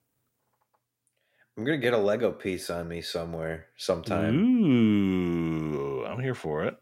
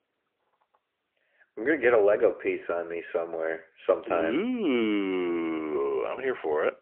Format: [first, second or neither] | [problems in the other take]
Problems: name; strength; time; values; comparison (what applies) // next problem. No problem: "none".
first | phone-call audio; poor line